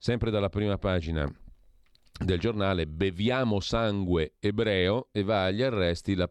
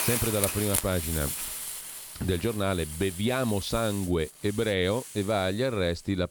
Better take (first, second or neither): first